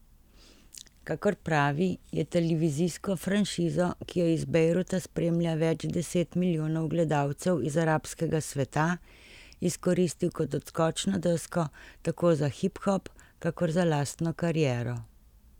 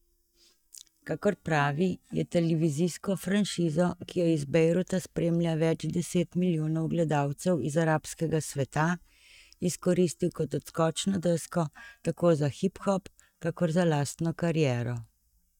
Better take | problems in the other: first | noise reduction (neural mask model DeepFilterNet 3)

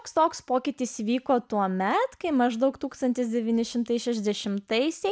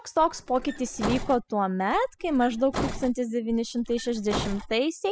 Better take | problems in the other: first | noise reduction (classical method spectral subtraction)

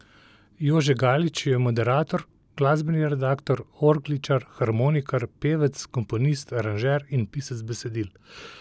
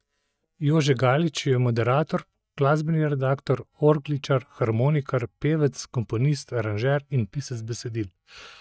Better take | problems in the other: first | noise reduction (neural mask model DeepFilterNet 3)

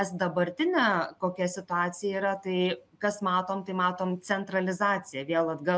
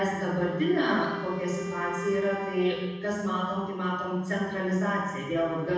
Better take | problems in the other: first | background sound (Wind instrument, woodwind instrument); 12 dB below the speech // room echo; dies away in 1.1 s

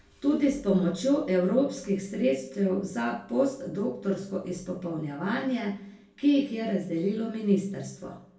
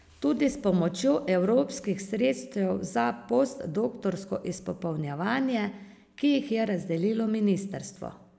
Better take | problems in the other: second | room echo; dies away in 0.3 s

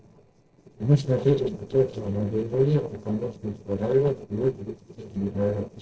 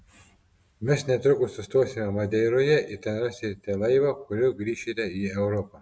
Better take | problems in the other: second | noise reduction (neural separator model SepFormer DNS4)

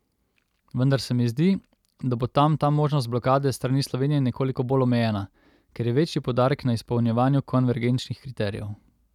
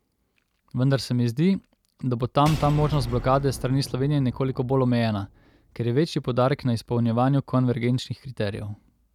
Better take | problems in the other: first | background sound (Shatter / Boom); 12 dB below the speech

